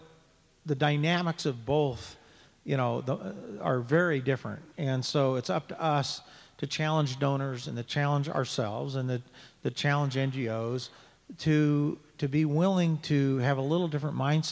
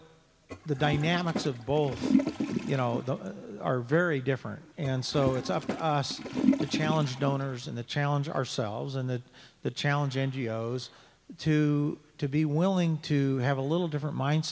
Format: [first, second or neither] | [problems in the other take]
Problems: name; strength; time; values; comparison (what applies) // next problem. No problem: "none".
first | background sound (Toilet flush); 3 dB below the speech